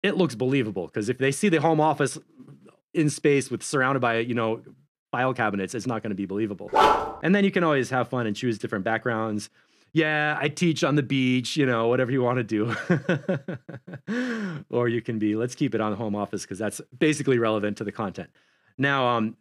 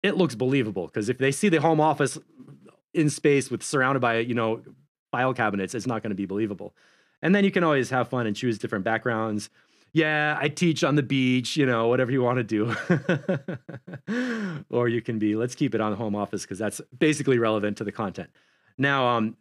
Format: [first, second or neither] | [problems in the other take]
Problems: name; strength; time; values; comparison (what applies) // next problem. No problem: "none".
second | dog barking; loud; at 6.5 s; peak 6 dB above the speech